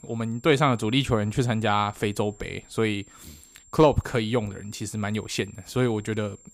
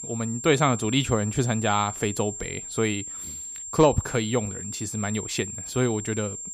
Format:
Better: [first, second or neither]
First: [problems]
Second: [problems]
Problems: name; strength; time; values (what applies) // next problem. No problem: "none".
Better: first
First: high-pitched whine; faint; throughout; 7.5 kHz, 25 dB below the speech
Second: high-pitched whine; loud; throughout; 7.5 kHz, 8 dB below the speech